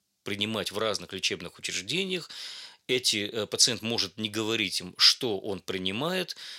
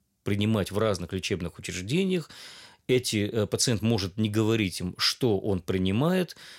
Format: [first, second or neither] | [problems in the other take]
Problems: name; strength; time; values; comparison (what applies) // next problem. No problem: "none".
second | thin; very slightly; fading below 850 Hz